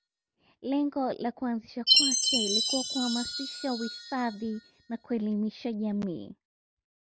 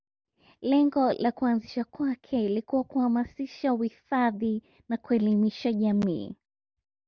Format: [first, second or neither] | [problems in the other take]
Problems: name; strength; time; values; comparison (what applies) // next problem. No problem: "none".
second | background sound (Chime); as loud as the speech